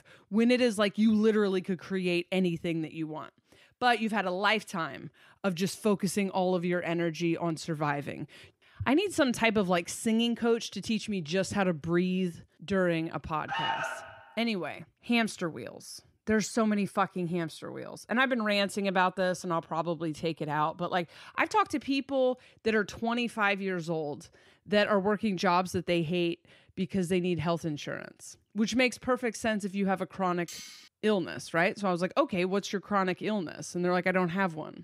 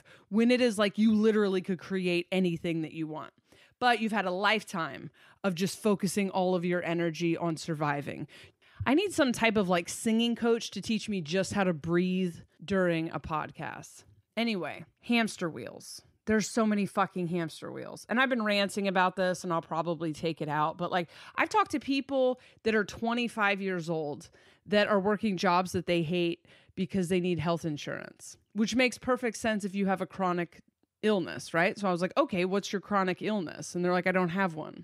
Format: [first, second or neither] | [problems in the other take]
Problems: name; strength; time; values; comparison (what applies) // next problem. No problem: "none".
second | alarm; noticeable; at 13 s; peak 2 dB below the speech // clattering dishes; faint; at 30 s; peak 15 dB below the speech